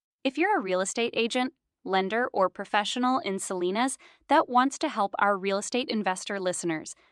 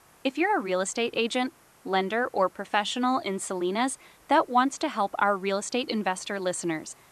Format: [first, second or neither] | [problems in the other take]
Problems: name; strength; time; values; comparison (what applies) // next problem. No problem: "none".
first | hiss; faint; throughout; 30 dB below the speech